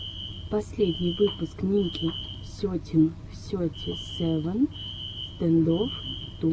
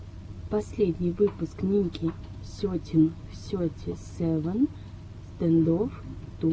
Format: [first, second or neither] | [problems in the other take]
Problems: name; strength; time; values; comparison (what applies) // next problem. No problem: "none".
second | background sound (Alarm); 14 dB below the speech